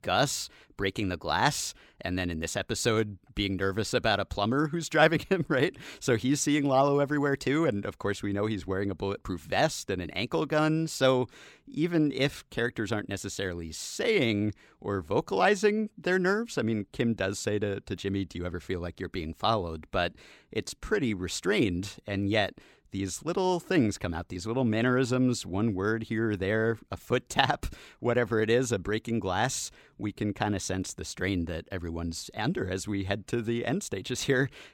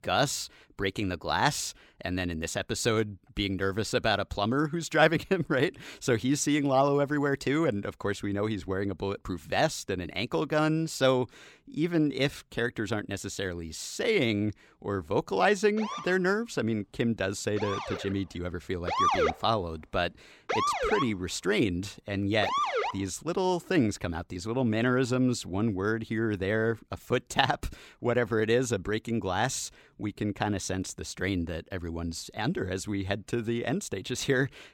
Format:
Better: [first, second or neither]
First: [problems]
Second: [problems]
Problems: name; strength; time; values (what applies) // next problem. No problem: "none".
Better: first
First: none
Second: siren; loud; from 16 to 23 s; peak 4 dB above the speech